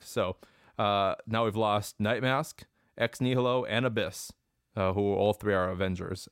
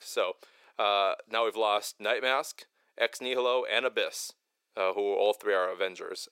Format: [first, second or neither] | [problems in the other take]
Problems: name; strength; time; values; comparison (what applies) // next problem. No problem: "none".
first | thin; very; fading below 400 Hz